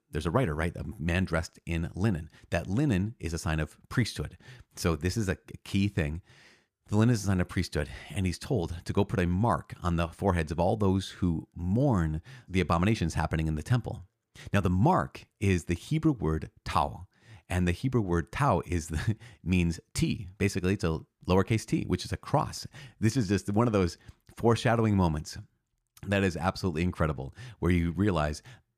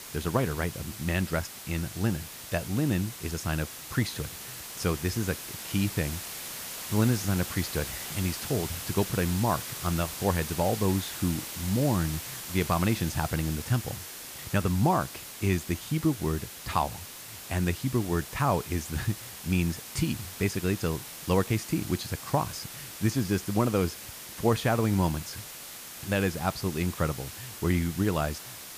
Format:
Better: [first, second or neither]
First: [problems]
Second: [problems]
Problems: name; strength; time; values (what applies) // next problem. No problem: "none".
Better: first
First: none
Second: hiss; loud; throughout; 8 dB below the speech